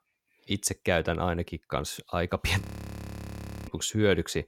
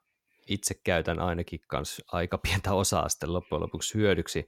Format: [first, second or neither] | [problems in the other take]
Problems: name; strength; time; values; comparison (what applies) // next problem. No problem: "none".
second | audio freezing; at 2.5 s for 1 s